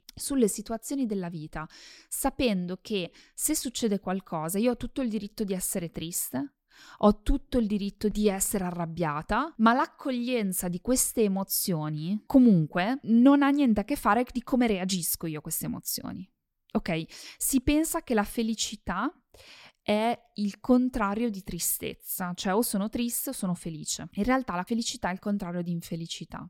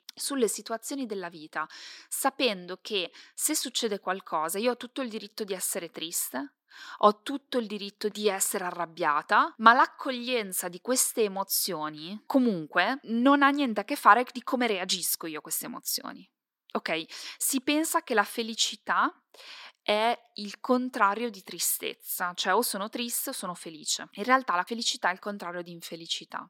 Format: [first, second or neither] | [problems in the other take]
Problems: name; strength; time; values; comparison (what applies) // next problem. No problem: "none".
first | thin; somewhat; fading below 300 Hz